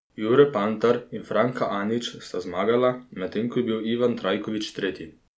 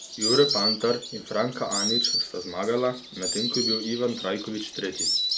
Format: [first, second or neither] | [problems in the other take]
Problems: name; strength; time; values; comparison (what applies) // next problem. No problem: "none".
first | background sound (Insect); 1 dB below the speech